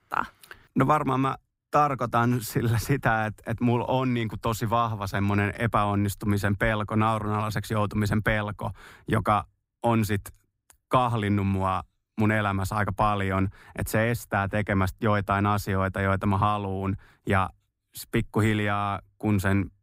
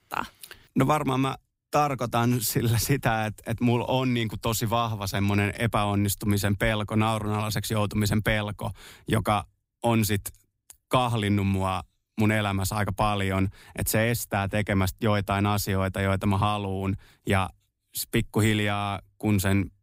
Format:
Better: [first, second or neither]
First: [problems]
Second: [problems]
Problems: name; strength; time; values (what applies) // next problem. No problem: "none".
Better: second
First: muffled; slightly; fading above 2 kHz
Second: none